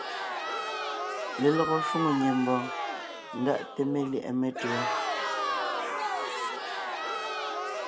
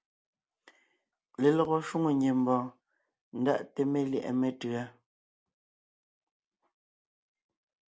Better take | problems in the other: second | background sound (Crowd); 1 dB below the speech

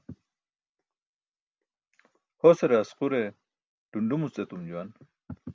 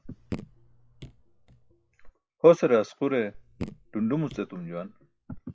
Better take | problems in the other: first | noise reduction (classical method log-MMSE)

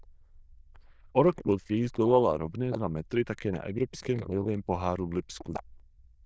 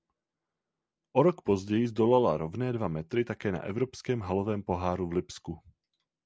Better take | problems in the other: second | noise reduction (neural diffusion model UNIVERSE++)

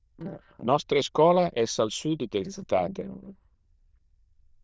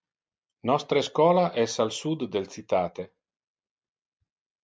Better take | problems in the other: second | noise reduction (neural diffusion model UNIVERSE++)

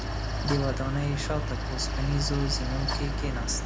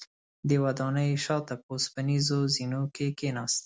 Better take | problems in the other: second | background sound (Mechanical fan); 2 dB above the speech

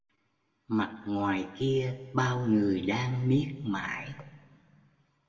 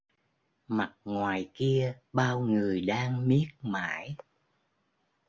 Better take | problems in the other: second | room echo; dies away in 1.3 s

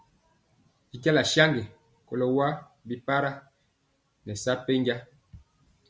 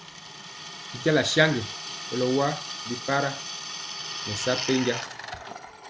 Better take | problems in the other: first | background sound (Drill); 7 dB below the speech

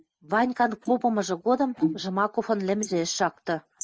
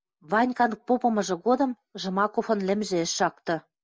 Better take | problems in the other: second | noise reduction (neural mask model Resemble Enhance denoiser)

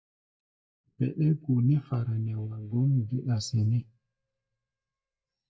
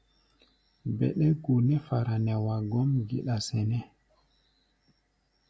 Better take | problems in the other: second | noise reduction (neural mask model DeepFilterNet 3)

